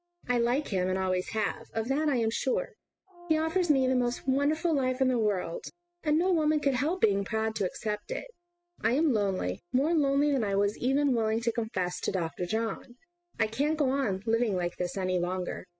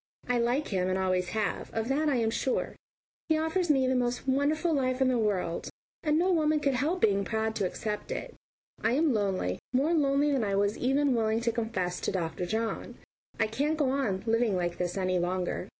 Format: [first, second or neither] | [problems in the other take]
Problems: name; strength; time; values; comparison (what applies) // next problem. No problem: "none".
second | noise reduction (classical method spectral subtraction)